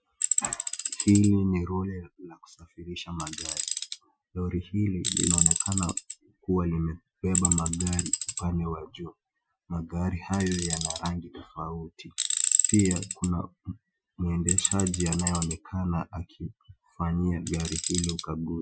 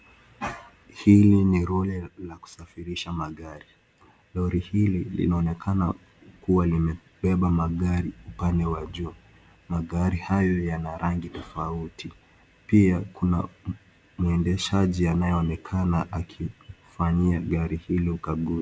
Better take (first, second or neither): second